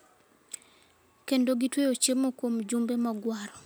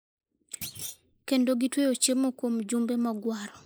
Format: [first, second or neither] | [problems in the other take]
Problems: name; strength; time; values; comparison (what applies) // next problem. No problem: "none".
first | noise reduction (neural mask model Resemble Enhance denoiser)